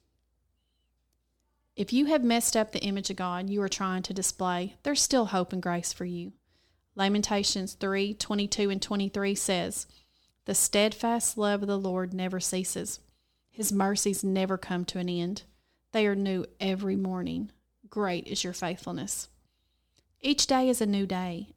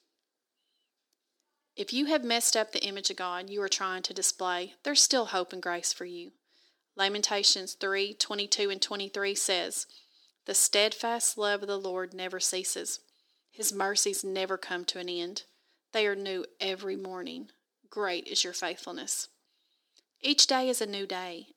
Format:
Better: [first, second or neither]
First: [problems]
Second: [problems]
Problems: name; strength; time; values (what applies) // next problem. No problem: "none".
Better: first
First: none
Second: thin; somewhat; fading below 300 Hz